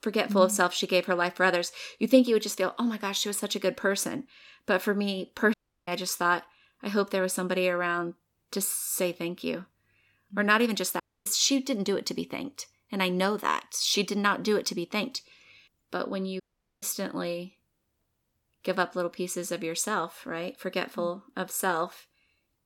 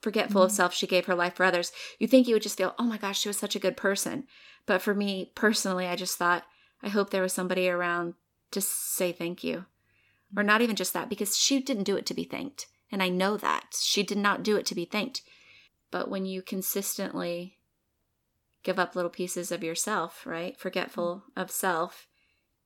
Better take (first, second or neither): second